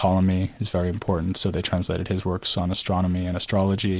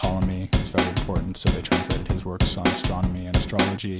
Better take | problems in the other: first | background sound (Drum / Drum kit); 4 dB above the speech

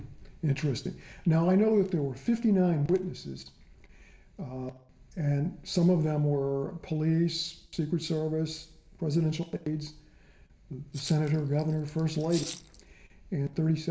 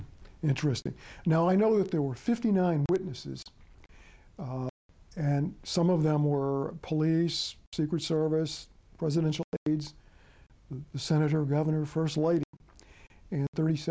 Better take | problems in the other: second | background sound (Rattle (instrument)); 16 dB below the speech // room echo; dies away in 0.6 s

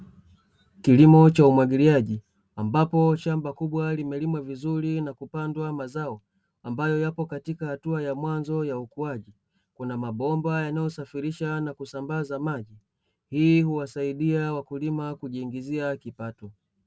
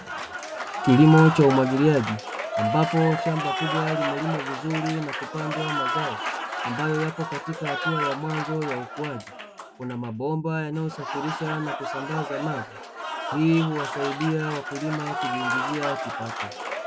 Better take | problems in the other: first | background sound (Applause); 5 dB below the speech

